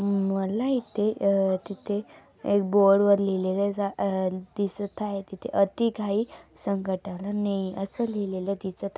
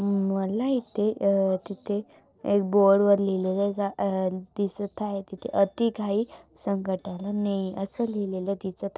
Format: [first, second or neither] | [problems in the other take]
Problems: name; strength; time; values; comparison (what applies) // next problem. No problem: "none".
first | noise reduction (neural separator model SepFormer DNS4)